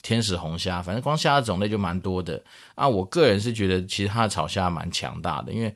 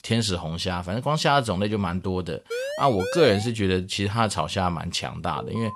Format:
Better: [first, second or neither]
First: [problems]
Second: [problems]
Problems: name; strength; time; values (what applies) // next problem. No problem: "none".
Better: first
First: none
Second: siren; noticeable; at 2.5 s; peak 6 dB below the speech // alarm; faint; at 5.5 s; peak 15 dB below the speech